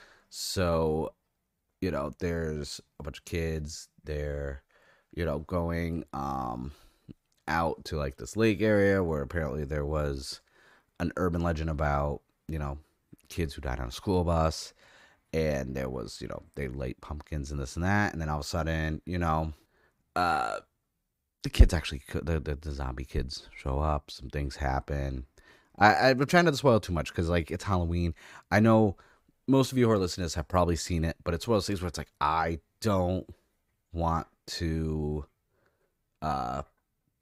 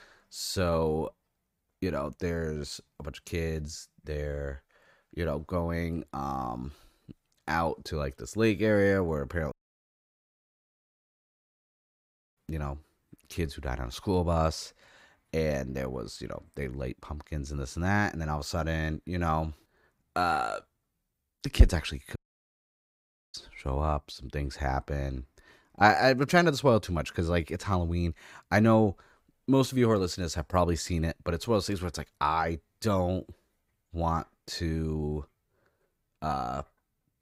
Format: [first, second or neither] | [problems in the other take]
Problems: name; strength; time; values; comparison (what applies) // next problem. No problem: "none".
first | audio cutting out; at 9.5 s for 3 s and at 22 s for 1 s